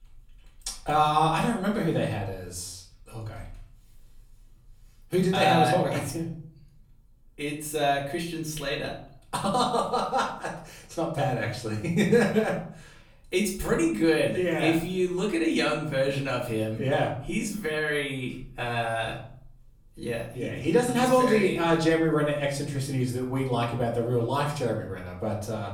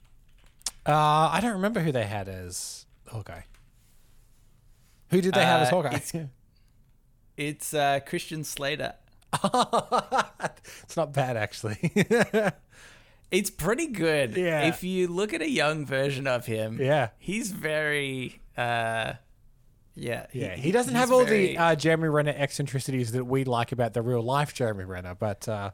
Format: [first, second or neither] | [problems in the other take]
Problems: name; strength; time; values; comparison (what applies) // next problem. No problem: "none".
second | off-mic speech; far // room echo; slight; dies away in 0.5 s